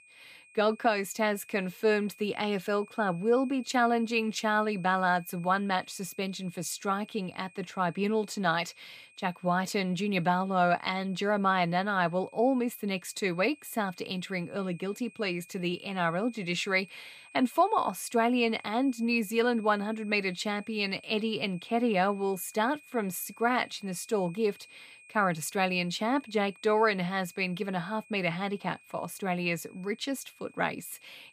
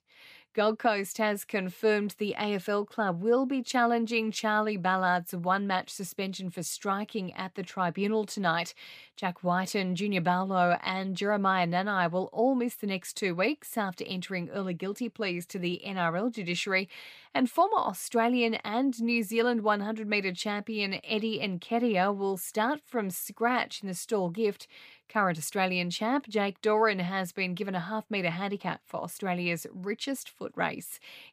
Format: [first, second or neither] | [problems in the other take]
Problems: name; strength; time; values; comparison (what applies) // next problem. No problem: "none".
second | high-pitched whine; faint; throughout; 2.5 kHz, 25 dB below the speech